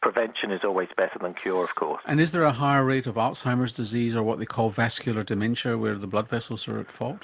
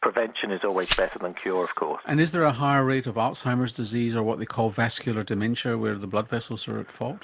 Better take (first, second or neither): first